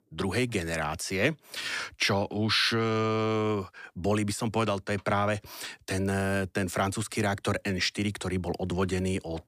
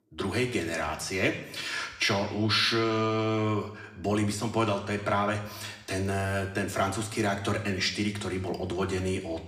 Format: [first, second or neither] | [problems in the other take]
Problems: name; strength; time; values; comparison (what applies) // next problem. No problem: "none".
first | room echo; slight; dies away in 0.9 s